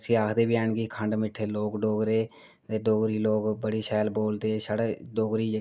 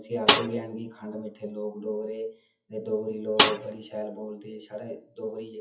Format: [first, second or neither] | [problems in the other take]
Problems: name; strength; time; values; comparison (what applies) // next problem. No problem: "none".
first | noise reduction (classical method WPE with log-MMSE)